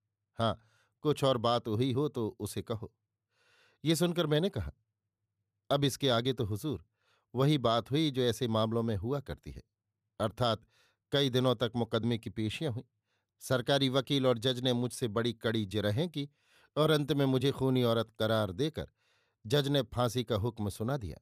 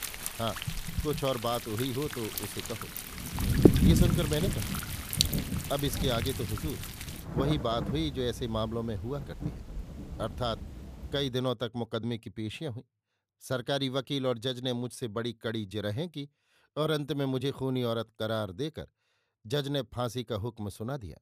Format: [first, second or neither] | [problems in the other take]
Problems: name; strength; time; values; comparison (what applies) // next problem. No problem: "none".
first | rain or running water; very loud; until 11 s; 2 dB above the speech